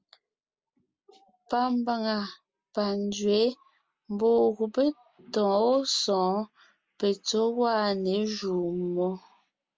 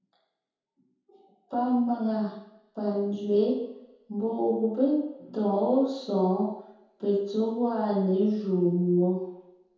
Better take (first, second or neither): first